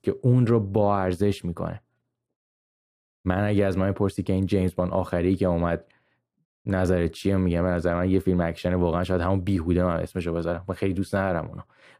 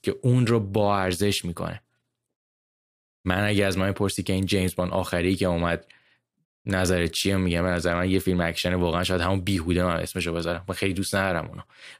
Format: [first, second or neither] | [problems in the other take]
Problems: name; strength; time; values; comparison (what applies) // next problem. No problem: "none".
second | muffled; slightly; fading above 1.5 kHz